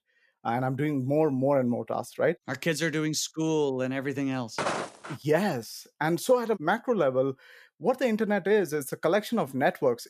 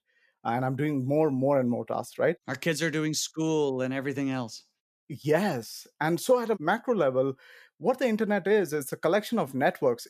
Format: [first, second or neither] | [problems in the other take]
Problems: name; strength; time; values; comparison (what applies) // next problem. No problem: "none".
second | footsteps; noticeable; at 4.5 s; peak 3 dB below the speech